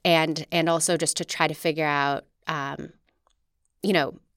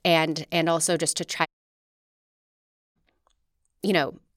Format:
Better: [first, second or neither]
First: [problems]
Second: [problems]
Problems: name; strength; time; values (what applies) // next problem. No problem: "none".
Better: first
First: none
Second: audio cutting out; at 1.5 s for 1.5 s